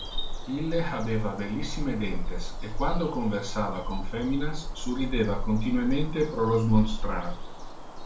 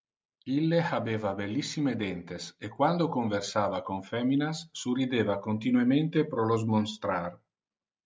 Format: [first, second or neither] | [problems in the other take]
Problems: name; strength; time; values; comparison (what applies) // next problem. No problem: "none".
second | background sound (Bird vocalization, bird call, bird song); as loud as the speech // room echo; dies away in 0.3 s